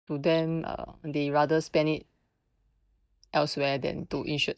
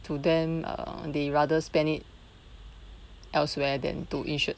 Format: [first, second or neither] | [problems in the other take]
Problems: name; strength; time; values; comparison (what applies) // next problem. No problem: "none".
second | noise reduction (neural mask model DeepFilterNet 3)